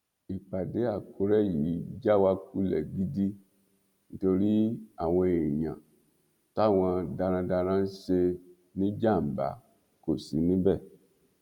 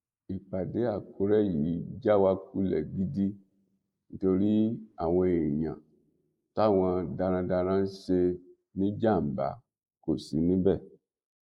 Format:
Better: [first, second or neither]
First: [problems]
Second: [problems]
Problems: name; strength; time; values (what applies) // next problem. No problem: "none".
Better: first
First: none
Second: noise reduction (neural mask model Resemble Enhance denoiser)